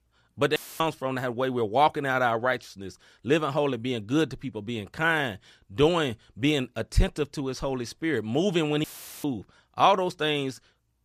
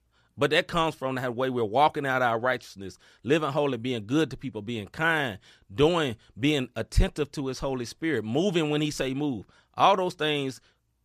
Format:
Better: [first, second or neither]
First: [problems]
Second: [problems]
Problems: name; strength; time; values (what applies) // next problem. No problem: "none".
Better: second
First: audio cutting out; filled with static; at 0.5 s and at 9 s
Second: none